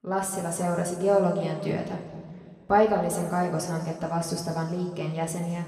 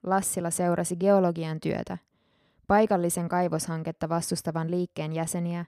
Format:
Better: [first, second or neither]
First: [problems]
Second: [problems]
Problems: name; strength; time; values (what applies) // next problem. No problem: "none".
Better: second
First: room echo; noticeable; dies away in 1.9 s // off-mic speech; somewhat distant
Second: none